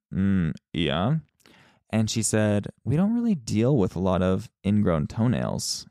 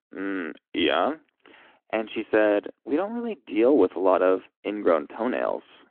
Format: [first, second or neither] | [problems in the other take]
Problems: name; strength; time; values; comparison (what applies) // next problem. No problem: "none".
first | phone-call audio; nothing above 3.5 kHz